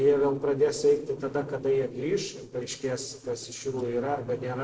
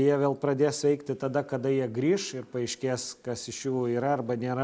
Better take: second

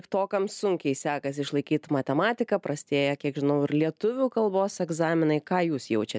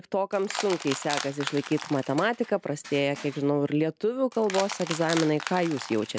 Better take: first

